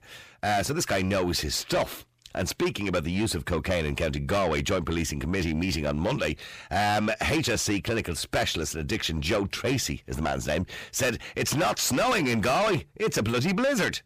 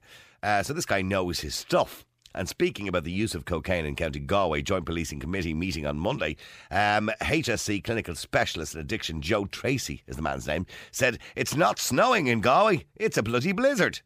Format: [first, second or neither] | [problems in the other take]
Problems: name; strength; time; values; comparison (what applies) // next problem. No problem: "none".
second | distortion; heavy; 6 dB below the speech